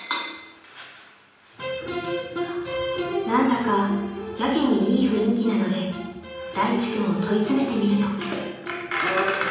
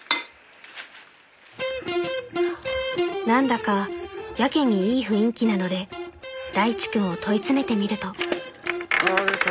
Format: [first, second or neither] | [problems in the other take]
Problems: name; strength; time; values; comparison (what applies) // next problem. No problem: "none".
second | room echo; dies away in 1 s